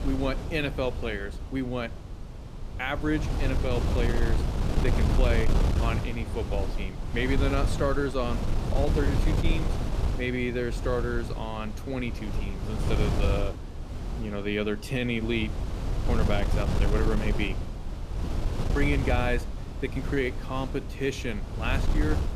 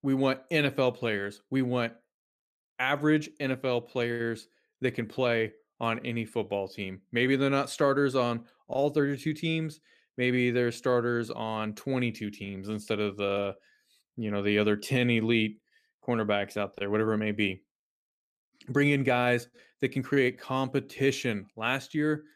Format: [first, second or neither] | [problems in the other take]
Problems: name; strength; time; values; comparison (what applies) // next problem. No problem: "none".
second | wind noise on the microphone; heavy; 6 dB below the speech